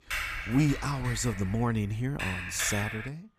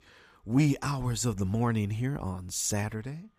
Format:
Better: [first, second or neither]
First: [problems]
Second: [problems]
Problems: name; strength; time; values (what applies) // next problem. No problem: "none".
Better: second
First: keyboard typing; noticeable; peak 2 dB below the speech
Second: none